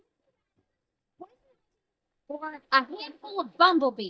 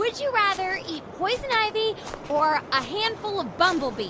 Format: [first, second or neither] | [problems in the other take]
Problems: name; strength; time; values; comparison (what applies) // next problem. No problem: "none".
second | noise reduction (neural mask model DeepFilterNet 3)